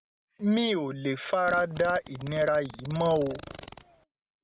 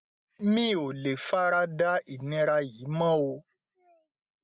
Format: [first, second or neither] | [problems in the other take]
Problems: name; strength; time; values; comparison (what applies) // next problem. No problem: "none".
second | background sound (Fart); 16 dB below the speech